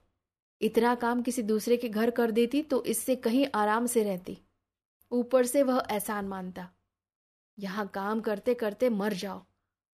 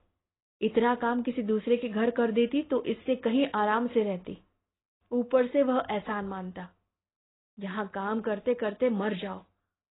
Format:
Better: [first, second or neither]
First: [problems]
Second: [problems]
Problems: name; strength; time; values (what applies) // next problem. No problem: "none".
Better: first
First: none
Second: garbled, watery; badly; nothing above 3.5 kHz